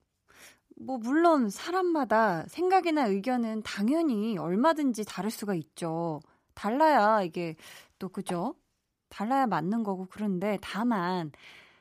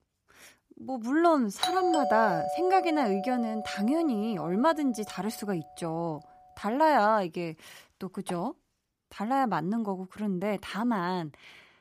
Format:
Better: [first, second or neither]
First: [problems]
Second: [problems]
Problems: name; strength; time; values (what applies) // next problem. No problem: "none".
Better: first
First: none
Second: doorbell; noticeable; from 1.5 to 4 s; peak level with the speech